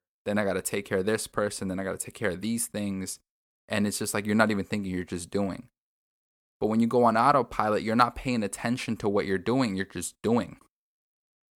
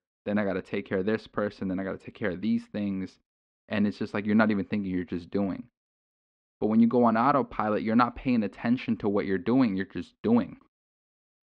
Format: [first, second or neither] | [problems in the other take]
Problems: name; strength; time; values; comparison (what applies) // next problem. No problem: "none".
first | muffled; slightly; fading above 3.5 kHz